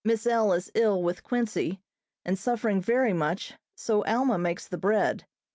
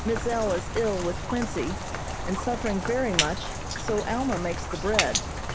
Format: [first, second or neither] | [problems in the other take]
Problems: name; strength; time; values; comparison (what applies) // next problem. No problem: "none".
first | background sound (Rain); 2 dB below the speech